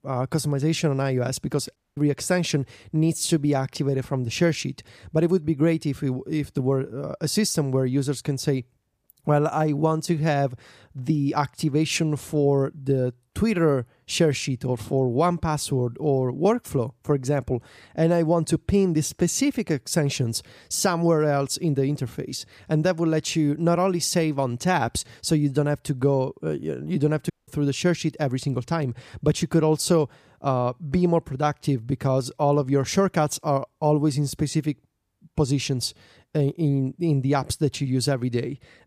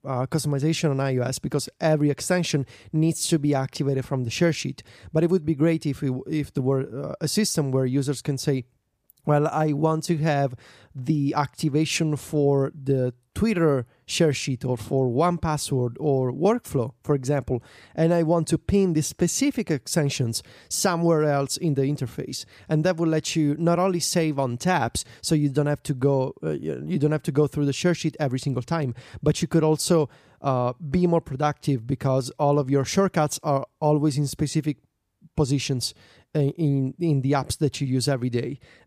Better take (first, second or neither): second